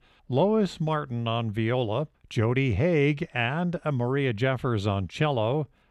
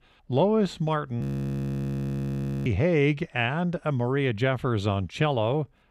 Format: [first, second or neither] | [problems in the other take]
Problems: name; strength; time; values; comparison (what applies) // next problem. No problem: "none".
first | audio freezing; at 1 s for 1.5 s